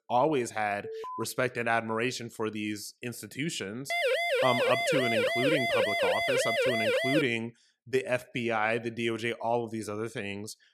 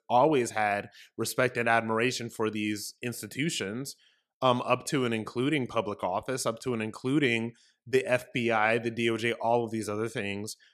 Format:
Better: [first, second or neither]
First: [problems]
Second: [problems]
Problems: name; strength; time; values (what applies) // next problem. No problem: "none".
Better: second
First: alarm; noticeable; at 1 s; peak 7 dB below the speech // siren; loud; from 4 to 7 s; peak 5 dB above the speech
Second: none